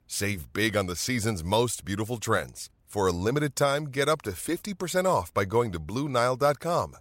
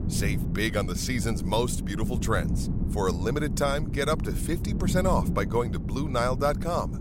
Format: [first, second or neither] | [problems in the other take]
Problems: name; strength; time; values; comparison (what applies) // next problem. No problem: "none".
first | wind noise on the microphone; occasional gusts; 10 dB below the speech